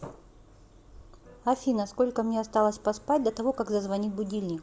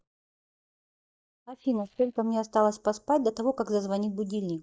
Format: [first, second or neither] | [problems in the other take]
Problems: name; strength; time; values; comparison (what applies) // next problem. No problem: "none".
first | noise reduction (neural mask model DeepFilterNet 3)